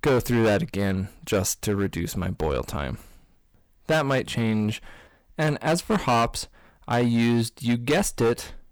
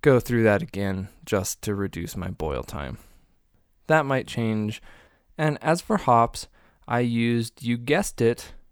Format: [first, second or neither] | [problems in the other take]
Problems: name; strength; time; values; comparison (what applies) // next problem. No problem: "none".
second | distortion; heavy; 9% of the sound clipped